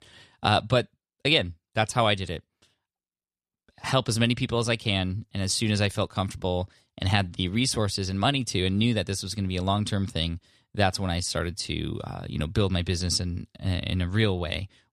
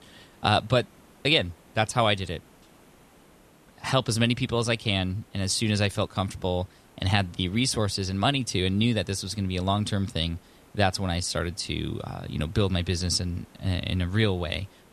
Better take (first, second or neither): first